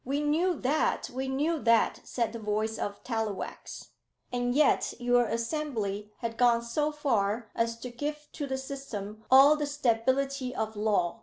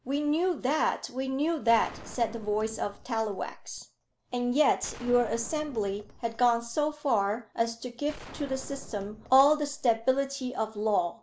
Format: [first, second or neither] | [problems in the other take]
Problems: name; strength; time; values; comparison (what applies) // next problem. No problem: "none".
first | background sound (Gunshot, gunfire); 18 dB below the speech